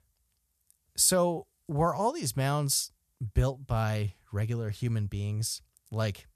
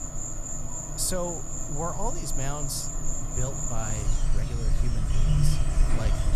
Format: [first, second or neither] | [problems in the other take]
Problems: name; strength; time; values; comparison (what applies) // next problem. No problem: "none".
first | animal sounds; very loud; throughout; 4 dB above the speech